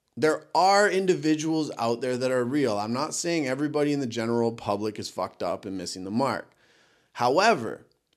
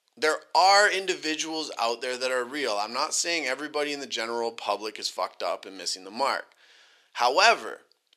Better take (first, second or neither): first